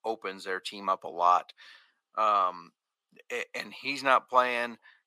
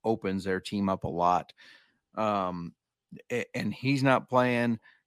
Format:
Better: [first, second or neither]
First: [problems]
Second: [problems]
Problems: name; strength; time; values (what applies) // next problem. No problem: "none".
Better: second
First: thin; very; fading below 550 Hz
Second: none